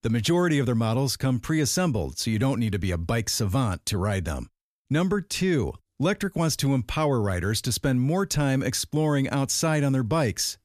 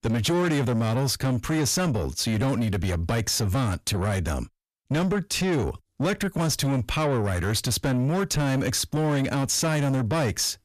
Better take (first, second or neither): first